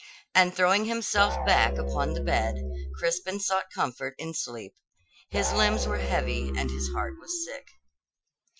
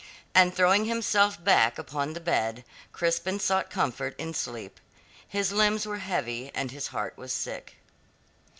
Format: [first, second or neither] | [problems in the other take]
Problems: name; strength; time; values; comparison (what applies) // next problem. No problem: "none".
second | noise reduction (classical method Wiener filter)